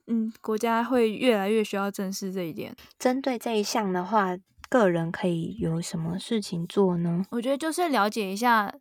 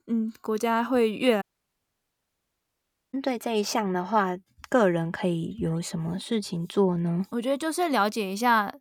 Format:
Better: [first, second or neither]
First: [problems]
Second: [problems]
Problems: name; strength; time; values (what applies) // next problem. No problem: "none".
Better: first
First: none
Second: audio cutting out; at 1.5 s for 1.5 s